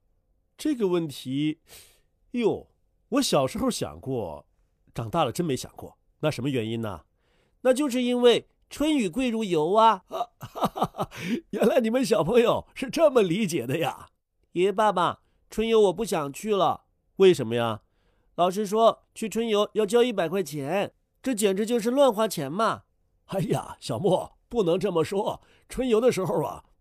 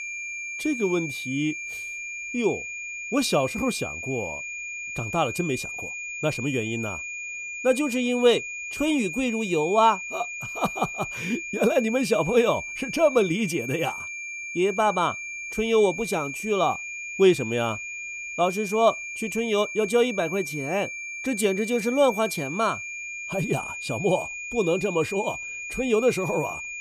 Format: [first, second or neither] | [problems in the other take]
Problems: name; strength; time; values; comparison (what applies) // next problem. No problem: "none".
first | high-pitched whine; loud; throughout; 2.5 kHz, 7 dB below the speech